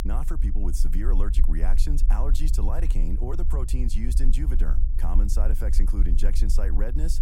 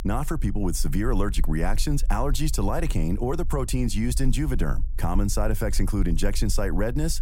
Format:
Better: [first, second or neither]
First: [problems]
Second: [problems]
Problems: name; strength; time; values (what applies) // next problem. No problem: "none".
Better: second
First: low rumble; loud; throughout; 9 dB below the speech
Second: low rumble; faint; throughout; 25 dB below the speech